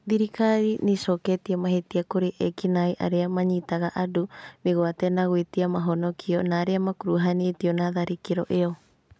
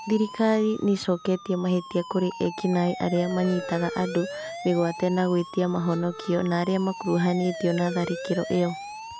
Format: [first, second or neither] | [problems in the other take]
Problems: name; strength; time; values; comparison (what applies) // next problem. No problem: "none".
first | background sound (Siren); 12 dB below the speech